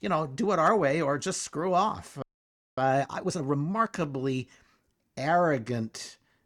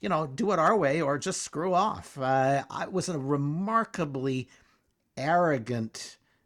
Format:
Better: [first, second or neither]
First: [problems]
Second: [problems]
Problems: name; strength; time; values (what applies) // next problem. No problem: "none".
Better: second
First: audio freezing; at 2 s for 0.5 s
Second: none